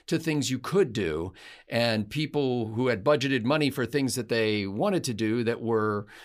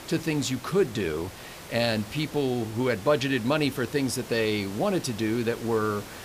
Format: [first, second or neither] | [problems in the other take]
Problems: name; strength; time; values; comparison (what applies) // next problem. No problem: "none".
first | hiss; noticeable; throughout; 15 dB below the speech